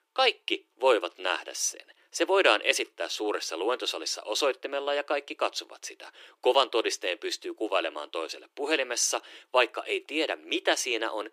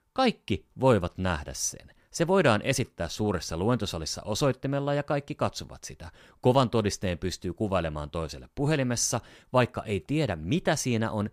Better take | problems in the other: second | thin; very; fading below 300 Hz

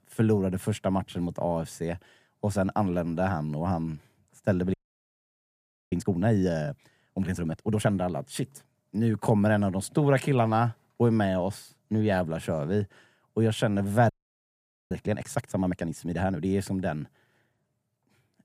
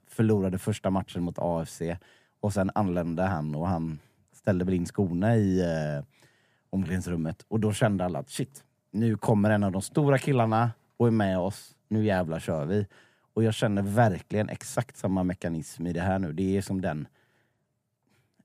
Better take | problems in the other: second | audio freezing; at 4.5 s for 1 s and at 14 s for 1 s

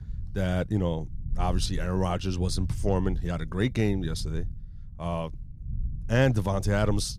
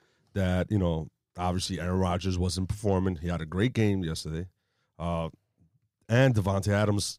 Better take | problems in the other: second | low rumble; faint; throughout; 20 dB below the speech

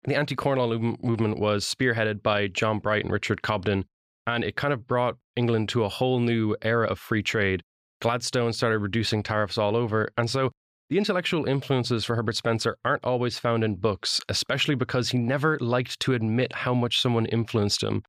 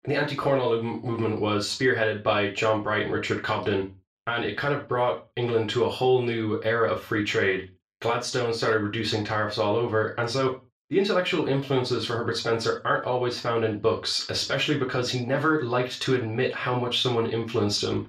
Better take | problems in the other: first | room echo; slight; dies away in 0.3 s // off-mic speech; far

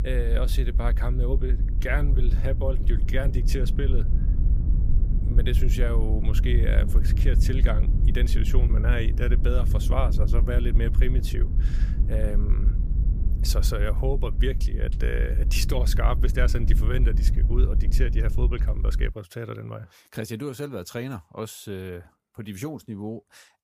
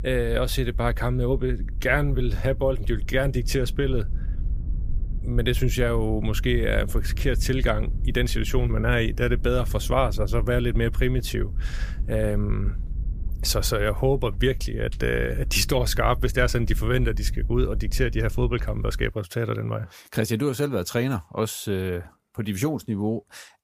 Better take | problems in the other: second | low rumble; loud; until 19 s; 9 dB below the speech; faint in the second

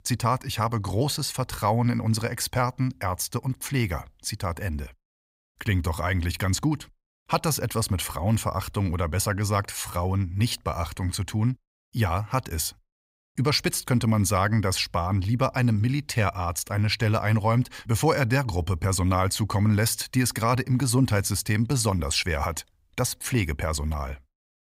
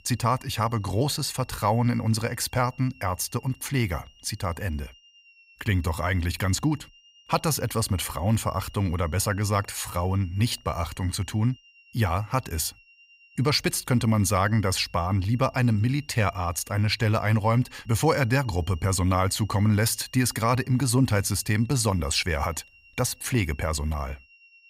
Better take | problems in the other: first | high-pitched whine; faint; throughout; 2.5 kHz, 25 dB below the speech

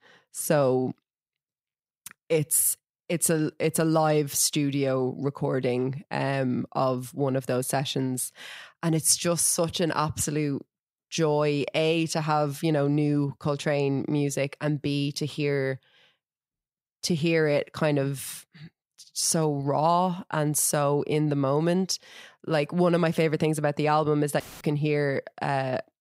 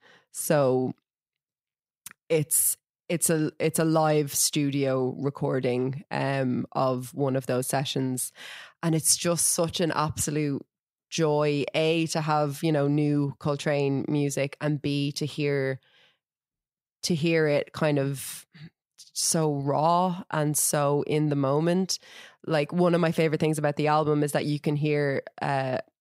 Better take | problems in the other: second | audio cutting out; filled with static; at 24 s

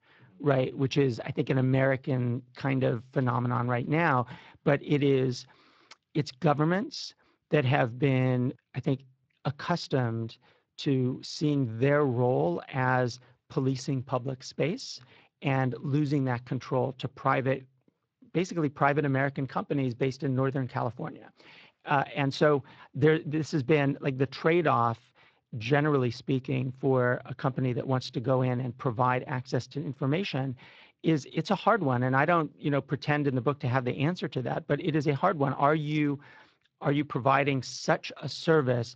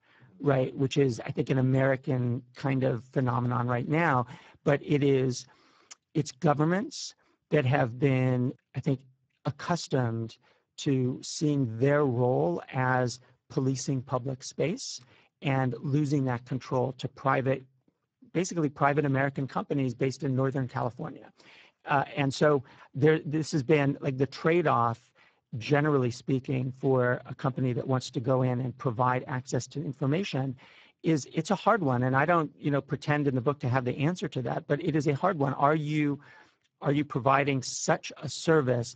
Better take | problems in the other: first | garbled, watery; badly; nothing above 7.5 kHz; slightly in the first

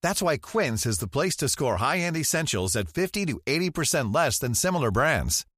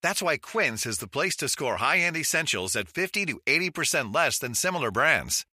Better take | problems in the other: first | thin; very slightly; fading below 550 Hz

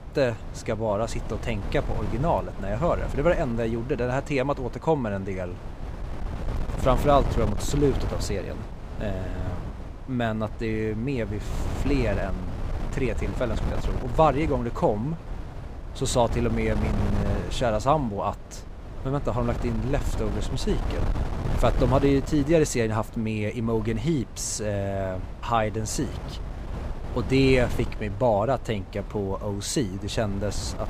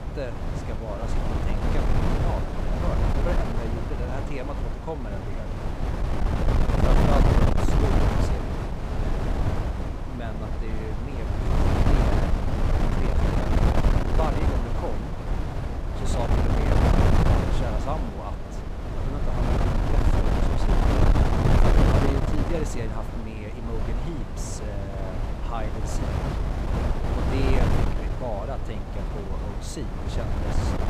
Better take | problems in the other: first | wind noise on the microphone; heavy; 5 dB above the speech; occasional gusts in the first

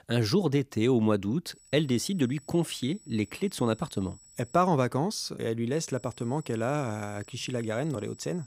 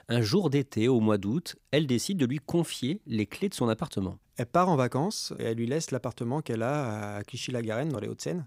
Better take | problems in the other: second | high-pitched whine; faint; from 1.5 to 4.5 s and from 5.5 s on; 8 kHz, 25 dB below the speech

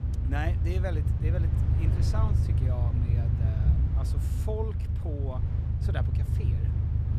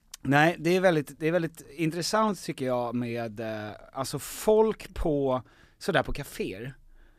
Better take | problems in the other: second | low rumble; loud; throughout; 1 dB below the speech

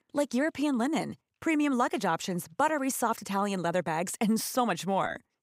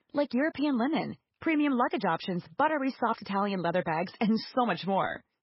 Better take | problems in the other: first | garbled, watery; badly; nothing above 5.5 kHz

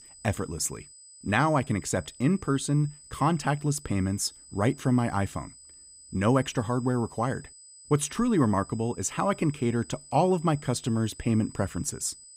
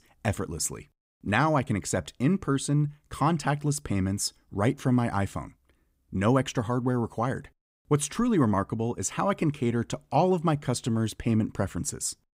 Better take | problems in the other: second | high-pitched whine; noticeable; throughout; 8 kHz, 20 dB below the speech

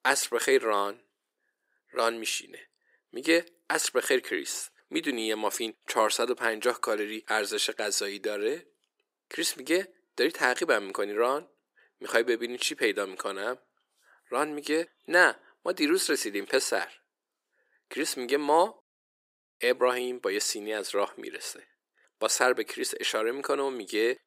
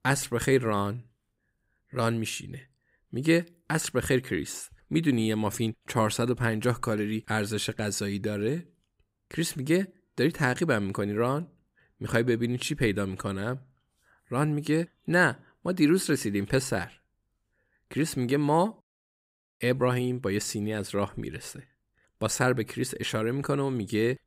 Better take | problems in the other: second | thin; very; fading below 350 Hz

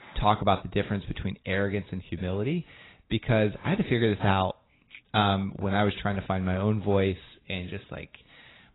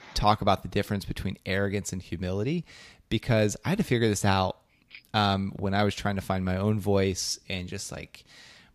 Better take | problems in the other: second | garbled, watery; badly; nothing above 4 kHz

